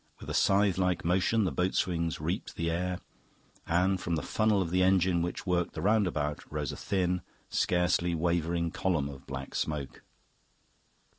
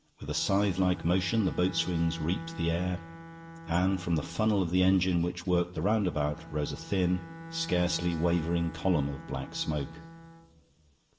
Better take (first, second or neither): first